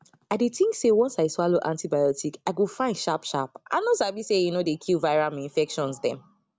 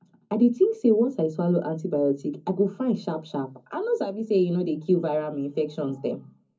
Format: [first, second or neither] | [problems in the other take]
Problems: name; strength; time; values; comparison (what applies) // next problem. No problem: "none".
first | room echo; dies away in 0.4 s